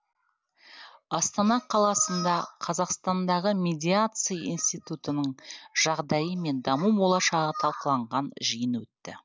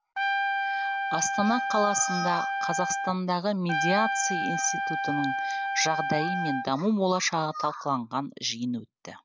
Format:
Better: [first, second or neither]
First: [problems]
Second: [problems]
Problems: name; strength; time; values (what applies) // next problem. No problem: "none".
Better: first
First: none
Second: background sound (Trumpet); as loud as the speech